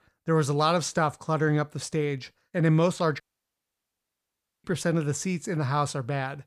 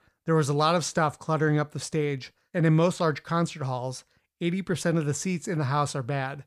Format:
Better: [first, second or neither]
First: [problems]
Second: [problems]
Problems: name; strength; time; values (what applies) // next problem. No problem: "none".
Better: second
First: audio cutting out; at 3 s for 1.5 s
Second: none